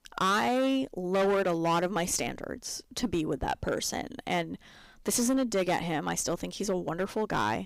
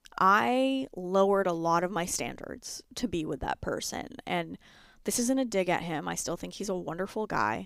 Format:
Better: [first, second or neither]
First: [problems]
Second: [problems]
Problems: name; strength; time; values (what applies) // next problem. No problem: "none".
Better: second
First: distortion; heavy; 8% of the sound clipped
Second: none